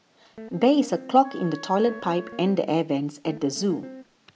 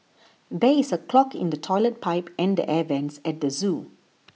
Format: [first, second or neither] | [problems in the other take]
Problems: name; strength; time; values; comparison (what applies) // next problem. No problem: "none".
second | background sound (Wind instrument, woodwind instrument + Guitar); 17 dB below the speech